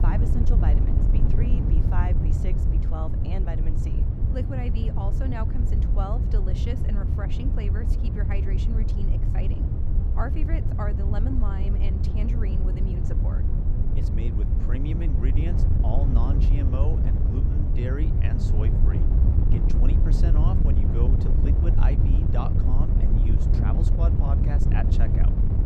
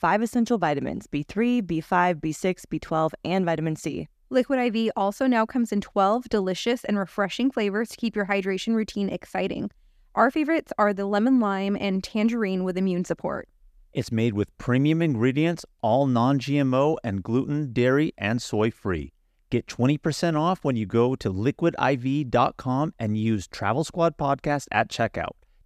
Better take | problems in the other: second | wind noise on the microphone; heavy; as loud as the speech

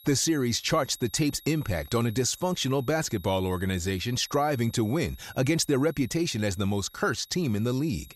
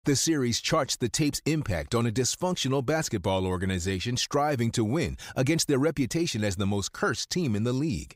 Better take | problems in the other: second | high-pitched whine; faint; throughout; 11.5 kHz, 25 dB below the speech

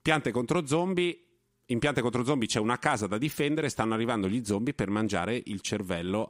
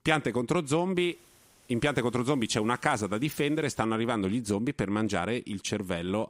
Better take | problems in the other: first | hiss; faint; from 1 to 3.5 s; 30 dB below the speech

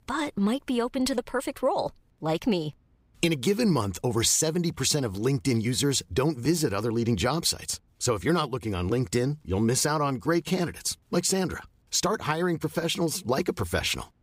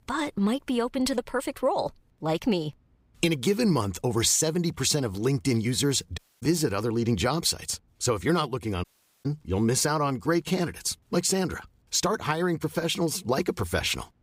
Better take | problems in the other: first | audio cutting out; at 6 s and at 9 s

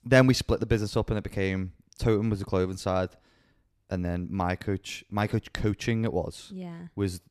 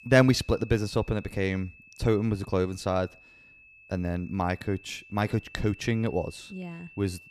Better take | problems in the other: first | high-pitched whine; faint; throughout; 2.5 kHz, 20 dB below the speech

